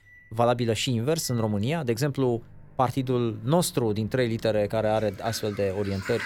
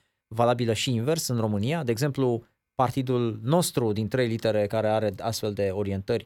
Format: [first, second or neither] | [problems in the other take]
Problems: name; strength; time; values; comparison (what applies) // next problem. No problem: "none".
second | household noises; faint; throughout; 20 dB below the speech